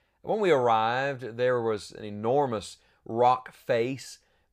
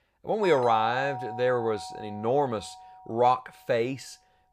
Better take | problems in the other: first | doorbell; noticeable; until 3 s; peak 8 dB below the speech

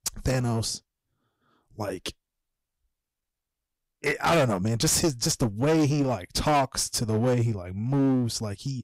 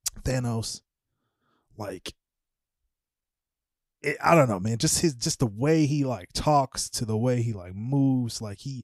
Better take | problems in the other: second | distortion; heavy; 10% of the sound clipped

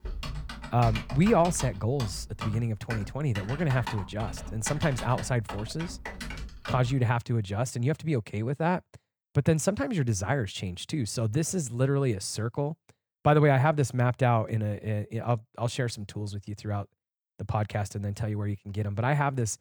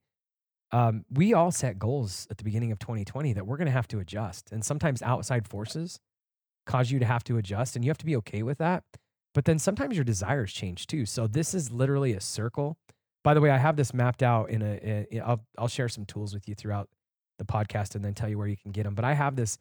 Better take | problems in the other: second | keyboard typing; noticeable; until 7 s; peak 6 dB below the speech

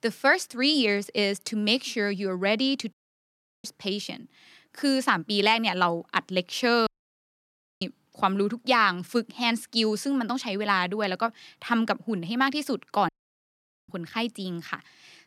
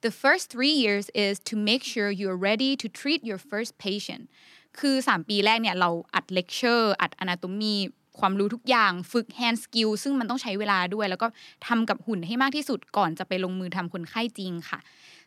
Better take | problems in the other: second | audio cutting out; at 3 s for 0.5 s, at 7 s for 1 s and at 13 s for 1 s

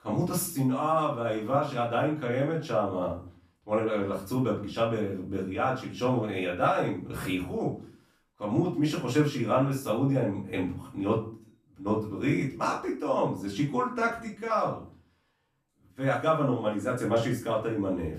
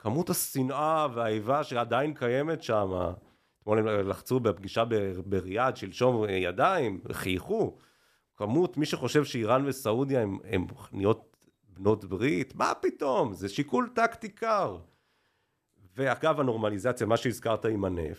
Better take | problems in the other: second | off-mic speech; far // room echo; slight; dies away in 0.3 s

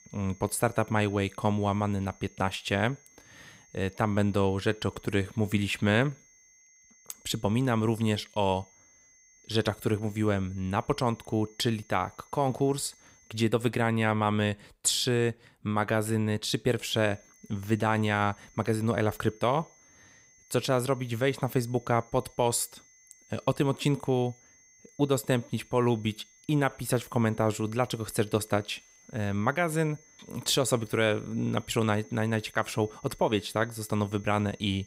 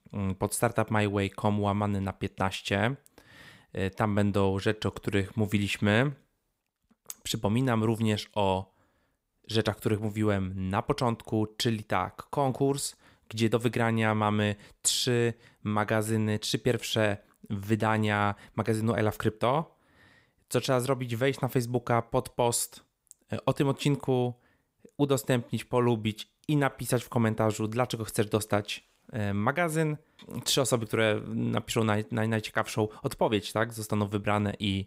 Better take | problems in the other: second | high-pitched whine; faint; until 13 s and from 17 s on; 6.5 kHz, 30 dB below the speech

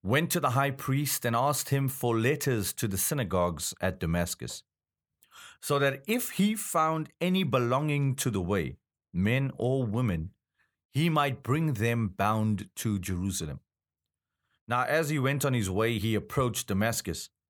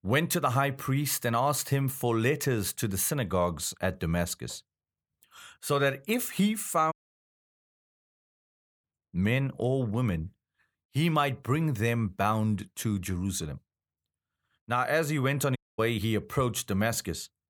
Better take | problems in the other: first | audio cutting out; at 7 s for 2 s and at 16 s

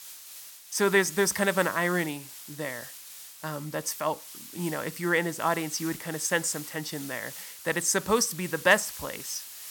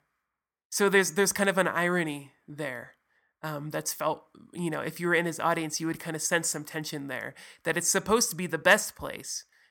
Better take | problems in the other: second | hiss; noticeable; throughout; 15 dB below the speech

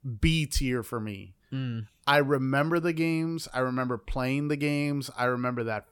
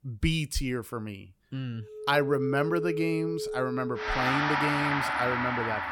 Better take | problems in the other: first | background music; very loud; from 2 s on; as loud as the speech

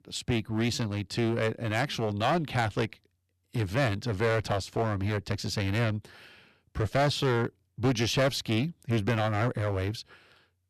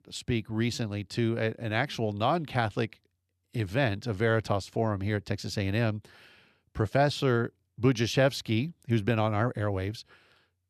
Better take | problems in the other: second | distortion; heavy; 8% of the sound clipped

